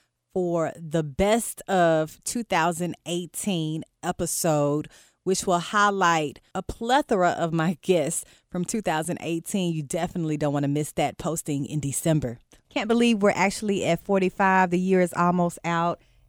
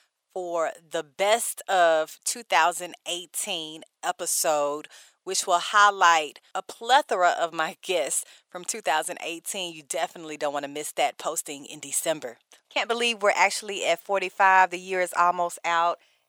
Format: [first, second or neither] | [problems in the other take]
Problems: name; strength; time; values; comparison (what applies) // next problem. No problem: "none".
first | thin; very; fading below 750 Hz